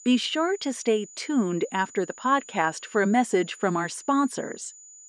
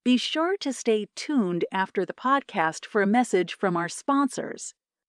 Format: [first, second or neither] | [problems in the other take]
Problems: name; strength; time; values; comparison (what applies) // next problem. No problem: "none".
second | high-pitched whine; noticeable; throughout; 7 kHz, 20 dB below the speech